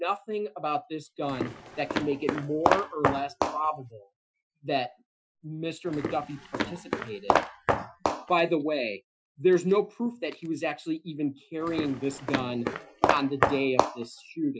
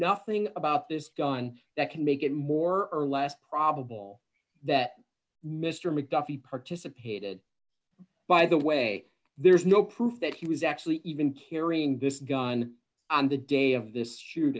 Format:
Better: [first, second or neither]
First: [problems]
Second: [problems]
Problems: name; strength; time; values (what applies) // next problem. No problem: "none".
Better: second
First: noise reduction (classical method Wiener filter)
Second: none